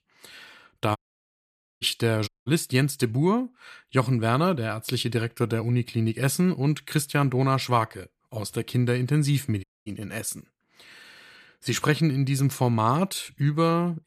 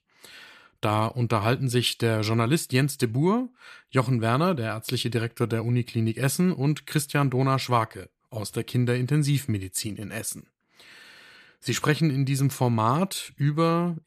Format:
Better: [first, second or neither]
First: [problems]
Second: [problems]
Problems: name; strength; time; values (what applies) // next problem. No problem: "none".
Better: second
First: audio cutting out; at 1 s for 1 s, at 2.5 s and at 9.5 s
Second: none